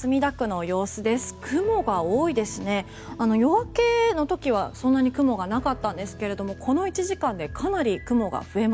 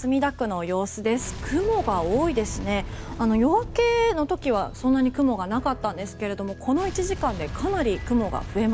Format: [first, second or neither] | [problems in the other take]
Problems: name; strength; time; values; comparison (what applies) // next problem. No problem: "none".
first | background sound (Boom); 12 dB below the speech